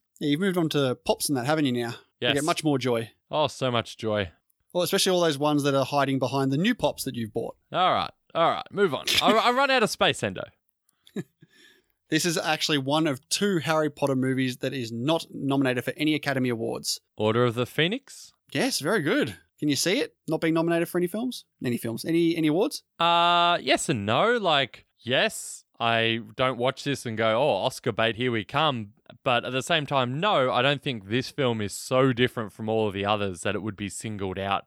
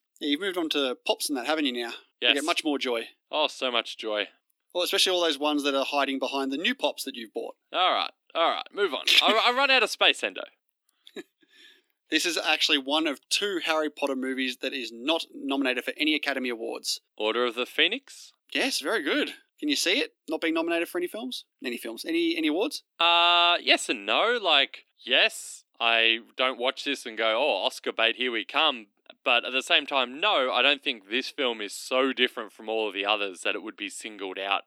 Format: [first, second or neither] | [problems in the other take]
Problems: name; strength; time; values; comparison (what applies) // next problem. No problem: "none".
first | thin; very slightly; fading below 250 Hz